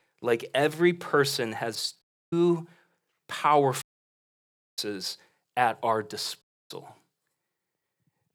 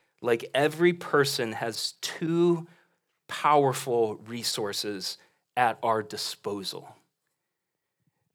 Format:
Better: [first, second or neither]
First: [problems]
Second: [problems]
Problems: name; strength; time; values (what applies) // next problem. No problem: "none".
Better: second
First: audio cutting out; at 2 s, at 4 s for 1 s and at 6.5 s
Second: none